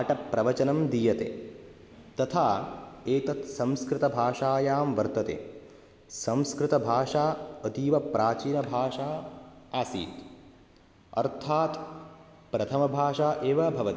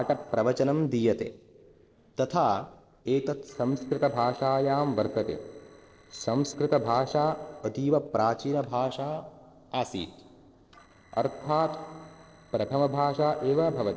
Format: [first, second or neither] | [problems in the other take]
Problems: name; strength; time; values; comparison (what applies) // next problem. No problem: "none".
first | noise reduction (neural separator model SepFormer DNS4)